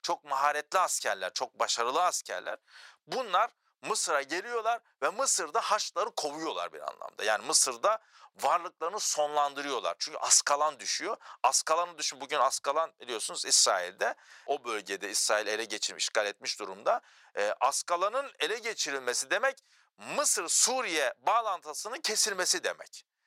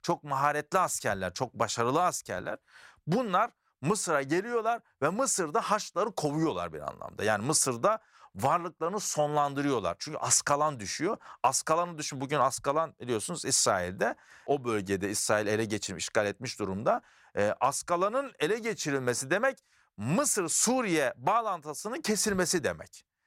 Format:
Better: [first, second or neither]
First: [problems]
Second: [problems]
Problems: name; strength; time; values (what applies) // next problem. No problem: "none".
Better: second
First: thin; very; fading below 600 Hz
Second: none